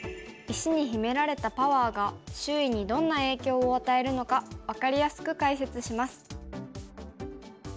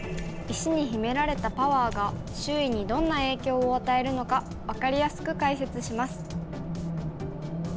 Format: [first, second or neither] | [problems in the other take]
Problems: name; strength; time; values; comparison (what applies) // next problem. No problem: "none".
first | background sound (Keys jangling + Race car, auto racing); 7 dB below the speech